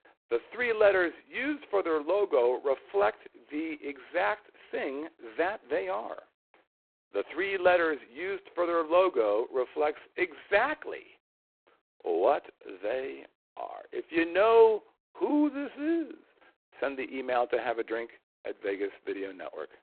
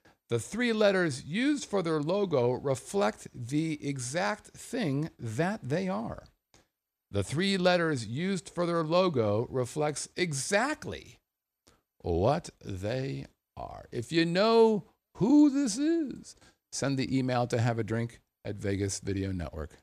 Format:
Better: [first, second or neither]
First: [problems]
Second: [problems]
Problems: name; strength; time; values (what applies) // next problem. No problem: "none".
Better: second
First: phone-call audio; poor line; nothing above 4 kHz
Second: none